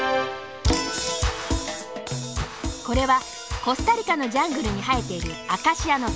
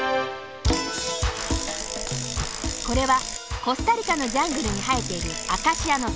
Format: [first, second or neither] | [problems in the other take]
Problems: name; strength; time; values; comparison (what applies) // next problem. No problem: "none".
first | background sound (Bicycle); 7 dB below the speech